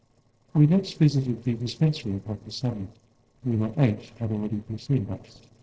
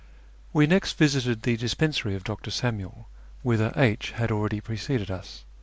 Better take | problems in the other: second | noise reduction (neural separator model SepFormer DNS4)

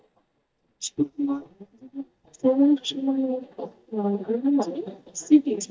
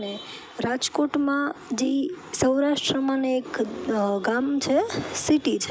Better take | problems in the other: second | noise reduction (neural mask model DeepFilterNet 3)

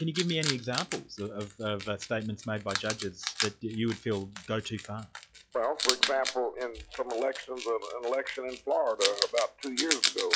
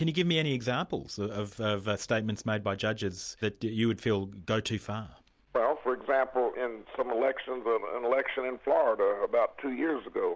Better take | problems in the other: second | noise reduction (classical method log-MMSE)

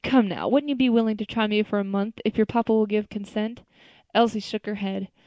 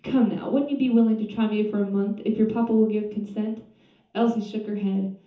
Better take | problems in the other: first | room echo; dies away in 0.6 s

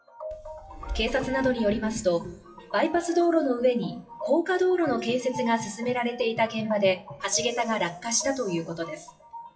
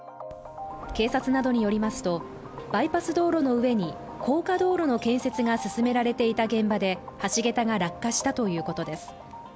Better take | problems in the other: second | noise reduction (classical method WPE with log-MMSE)

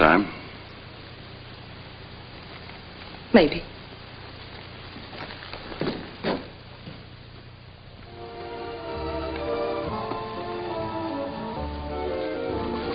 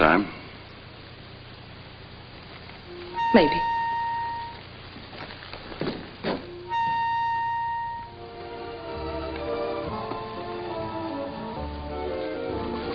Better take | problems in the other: first | background sound (Wind instrument, woodwind instrument); as loud as the speech

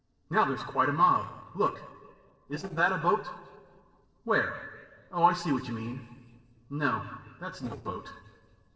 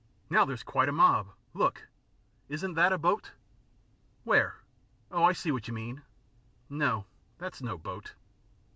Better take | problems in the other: second | noise reduction (neural separator model SepFormer DNS4)

